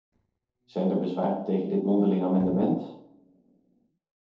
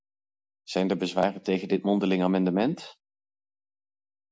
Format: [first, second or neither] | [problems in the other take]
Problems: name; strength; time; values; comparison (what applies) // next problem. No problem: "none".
second | noise reduction (neural separator model SepFormer DNS4)